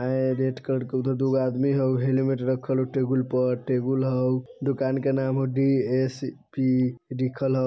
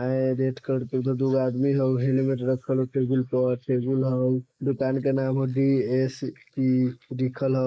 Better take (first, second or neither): first